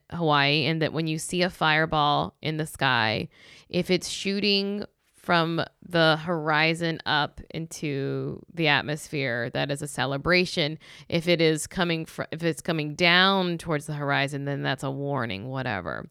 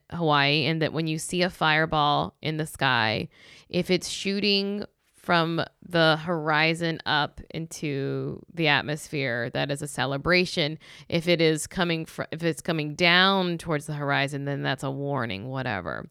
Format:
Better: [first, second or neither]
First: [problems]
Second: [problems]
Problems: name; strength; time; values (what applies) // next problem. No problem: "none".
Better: neither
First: none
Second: none